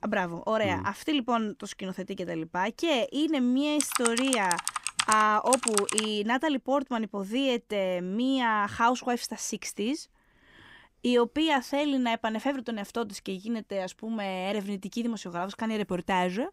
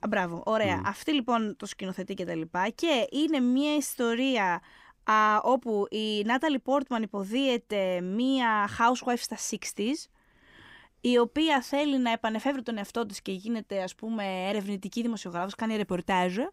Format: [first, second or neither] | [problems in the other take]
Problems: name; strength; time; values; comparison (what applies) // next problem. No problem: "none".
second | keyboard typing; loud; from 4 to 6 s; peak 2 dB above the speech